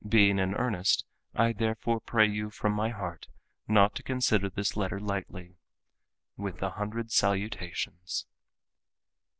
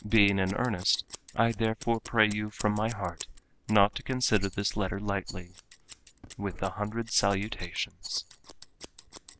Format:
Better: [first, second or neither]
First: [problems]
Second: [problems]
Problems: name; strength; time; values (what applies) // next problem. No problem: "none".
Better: first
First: none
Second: background sound (Rattle + Scissors); 19 dB below the speech